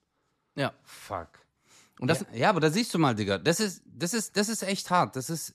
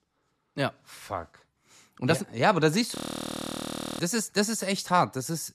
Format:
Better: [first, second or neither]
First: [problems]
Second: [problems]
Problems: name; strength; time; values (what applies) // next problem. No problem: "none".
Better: first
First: none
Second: audio freezing; at 3 s for 1 s